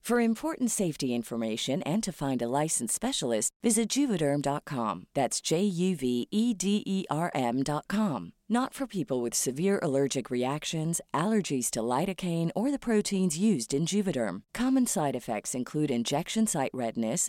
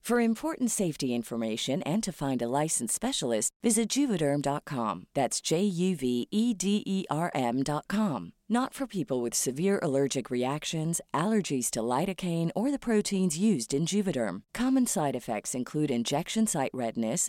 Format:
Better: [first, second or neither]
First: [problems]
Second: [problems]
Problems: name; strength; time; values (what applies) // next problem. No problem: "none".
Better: neither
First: none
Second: none